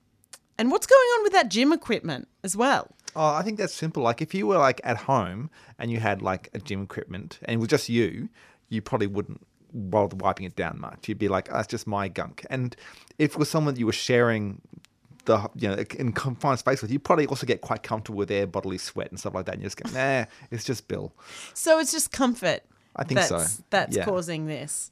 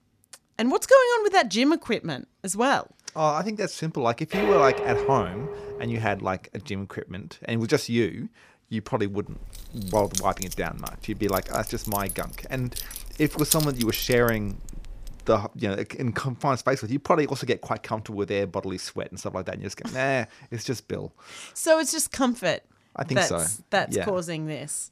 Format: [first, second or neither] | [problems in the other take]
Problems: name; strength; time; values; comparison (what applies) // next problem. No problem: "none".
first | clattering dishes; loud; from 4.5 to 6 s; peak 2 dB above the speech // jangling keys; loud; from 9.5 to 15 s; peak 1 dB above the speech